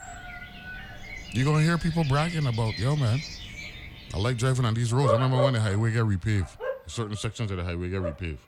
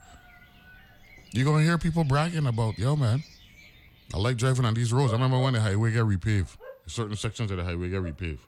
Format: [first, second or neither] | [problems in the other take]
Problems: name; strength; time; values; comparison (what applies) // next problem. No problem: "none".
second | animal sounds; loud; throughout; 8 dB below the speech; faint in the second